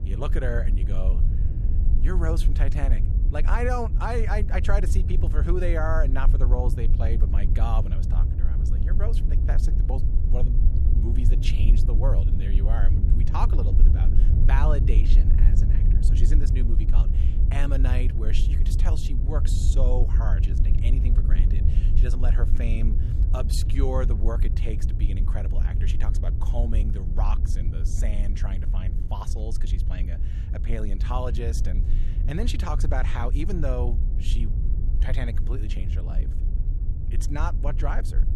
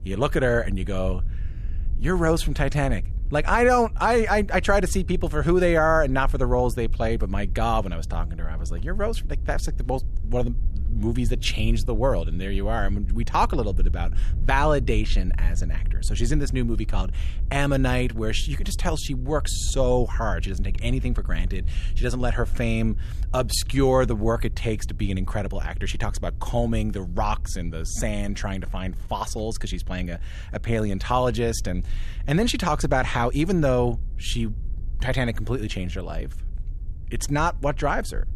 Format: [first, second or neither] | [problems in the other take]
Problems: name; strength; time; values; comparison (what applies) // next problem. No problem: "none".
second | low rumble; loud; throughout; 7 dB below the speech; faint in the second